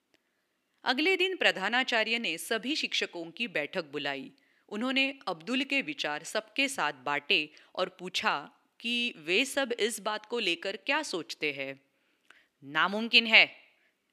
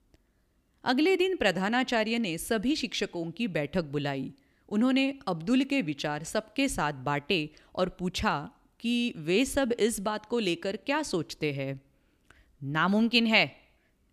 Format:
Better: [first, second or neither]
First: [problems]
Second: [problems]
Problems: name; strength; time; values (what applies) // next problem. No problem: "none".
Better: second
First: thin; somewhat; fading below 300 Hz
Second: none